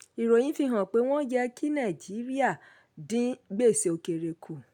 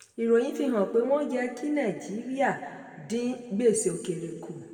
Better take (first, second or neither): first